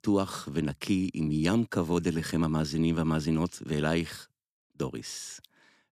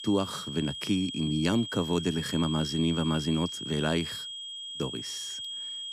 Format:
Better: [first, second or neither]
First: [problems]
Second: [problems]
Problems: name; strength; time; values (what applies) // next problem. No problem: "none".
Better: first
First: none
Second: high-pitched whine; loud; throughout; 3.5 kHz, 6 dB below the speech